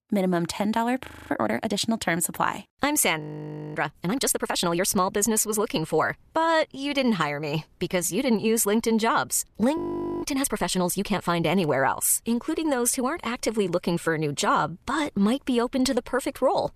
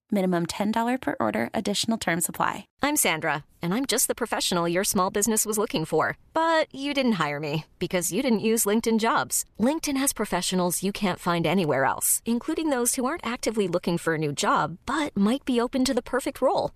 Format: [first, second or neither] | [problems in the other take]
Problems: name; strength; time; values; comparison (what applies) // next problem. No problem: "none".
second | audio freezing; at 1 s, at 3 s for 0.5 s and at 10 s